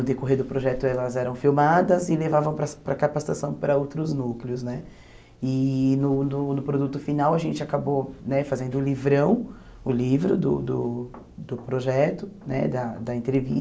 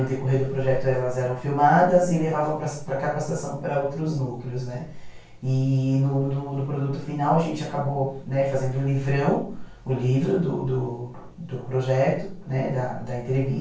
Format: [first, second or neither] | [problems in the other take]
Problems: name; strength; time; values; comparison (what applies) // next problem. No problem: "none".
first | room echo; dies away in 0.3 s